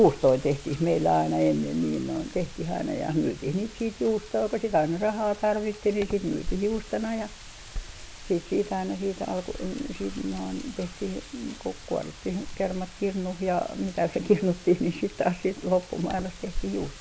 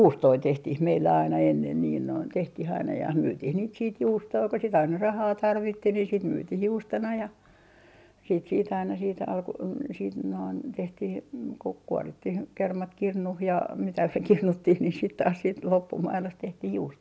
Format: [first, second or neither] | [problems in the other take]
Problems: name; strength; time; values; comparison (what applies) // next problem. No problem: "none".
second | background sound (Wind); 13 dB below the speech